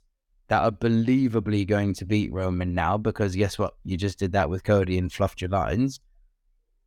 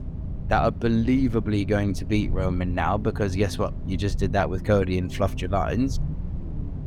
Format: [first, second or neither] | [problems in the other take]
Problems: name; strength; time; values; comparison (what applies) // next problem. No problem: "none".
first | low rumble; noticeable; throughout; 15 dB below the speech